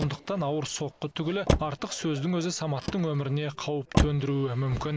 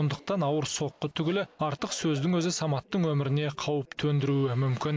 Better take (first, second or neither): second